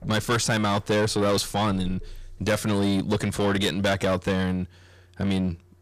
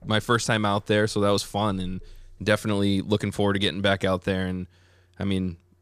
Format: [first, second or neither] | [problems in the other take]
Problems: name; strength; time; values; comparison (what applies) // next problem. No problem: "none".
second | distortion; heavy; 8 dB below the speech